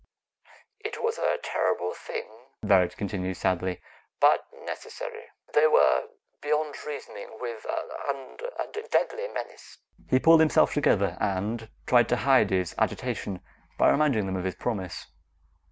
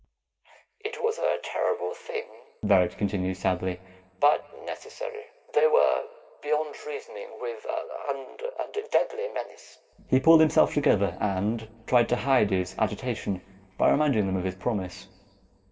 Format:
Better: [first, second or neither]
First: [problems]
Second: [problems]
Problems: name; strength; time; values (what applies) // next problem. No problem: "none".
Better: first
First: none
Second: room echo; dies away in 1.3 s